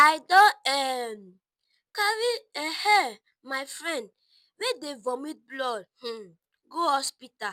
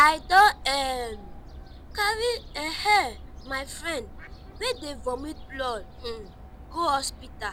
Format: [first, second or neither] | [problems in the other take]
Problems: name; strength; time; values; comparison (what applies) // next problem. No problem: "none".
first | background sound (Fowl); 15 dB below the speech